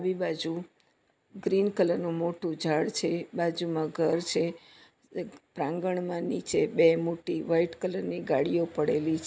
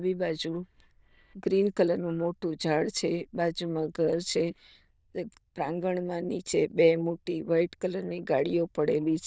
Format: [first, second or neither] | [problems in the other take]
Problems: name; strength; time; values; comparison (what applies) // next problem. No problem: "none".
first | noise reduction (neural diffusion model UNIVERSE++)